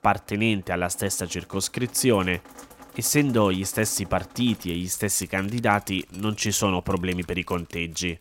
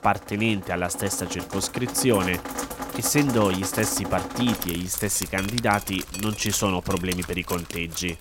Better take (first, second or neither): first